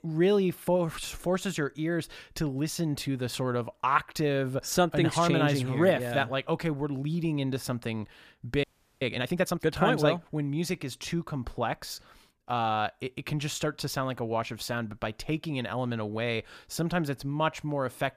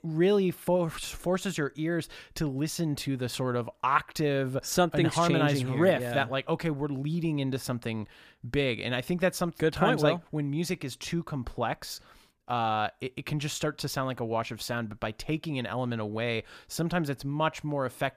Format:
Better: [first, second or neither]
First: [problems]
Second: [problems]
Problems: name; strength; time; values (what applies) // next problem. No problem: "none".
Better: second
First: audio freezing; at 8.5 s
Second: none